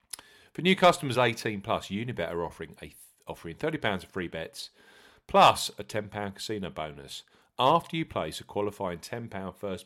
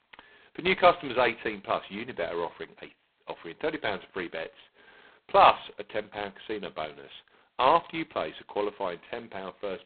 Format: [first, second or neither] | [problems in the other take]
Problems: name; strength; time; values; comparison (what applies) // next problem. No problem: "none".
first | phone-call audio; poor line; nothing above 4 kHz